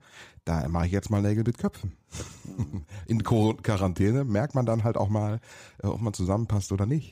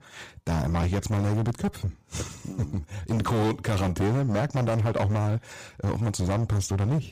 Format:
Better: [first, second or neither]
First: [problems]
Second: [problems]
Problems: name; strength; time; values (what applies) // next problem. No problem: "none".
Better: first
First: none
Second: distortion; heavy; 20% of the sound clipped